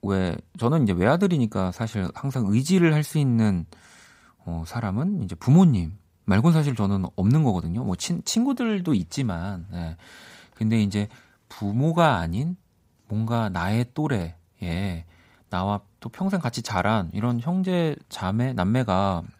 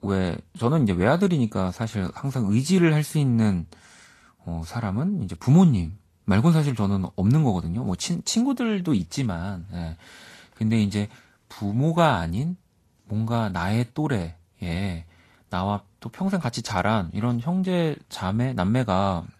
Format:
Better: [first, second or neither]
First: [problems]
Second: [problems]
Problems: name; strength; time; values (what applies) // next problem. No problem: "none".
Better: first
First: none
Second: garbled, watery; slightly; nothing above 12.5 kHz